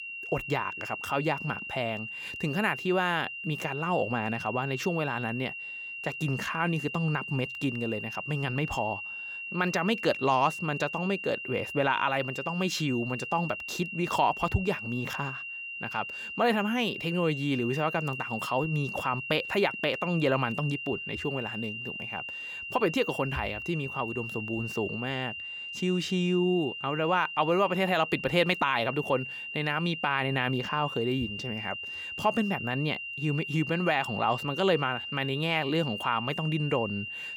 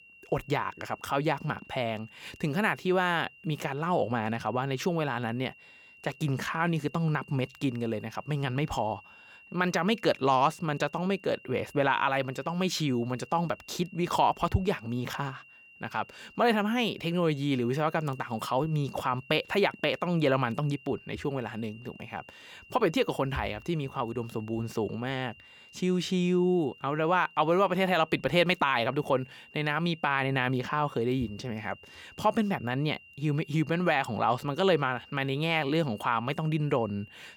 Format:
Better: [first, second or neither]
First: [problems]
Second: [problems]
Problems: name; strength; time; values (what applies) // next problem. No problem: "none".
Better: second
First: high-pitched whine; loud; throughout; 3 kHz, 6 dB below the speech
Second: high-pitched whine; faint; throughout; 3 kHz, 25 dB below the speech